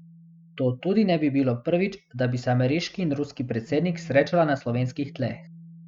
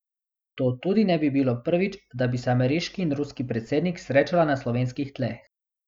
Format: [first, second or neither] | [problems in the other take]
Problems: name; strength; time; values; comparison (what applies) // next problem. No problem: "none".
second | noise reduction (neural mask model RNNoise)